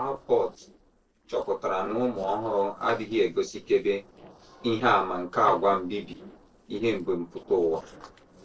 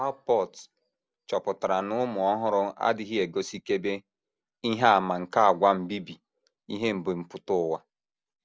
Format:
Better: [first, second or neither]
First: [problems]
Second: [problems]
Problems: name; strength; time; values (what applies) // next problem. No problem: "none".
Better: second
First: noise reduction (neural separator model SepFormer DNS4)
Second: none